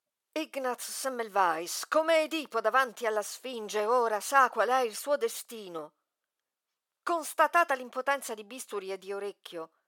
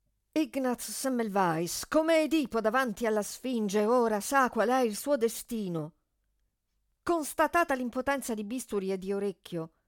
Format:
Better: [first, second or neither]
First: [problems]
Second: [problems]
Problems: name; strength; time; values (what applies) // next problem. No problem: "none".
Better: second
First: thin; very; fading below 550 Hz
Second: none